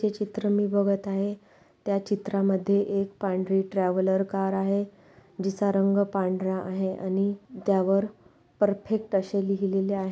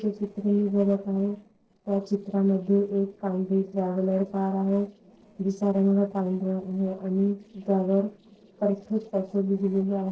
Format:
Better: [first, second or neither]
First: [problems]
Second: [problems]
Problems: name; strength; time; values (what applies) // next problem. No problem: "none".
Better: first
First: none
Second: noise reduction (neural separator model SepFormer DNS4)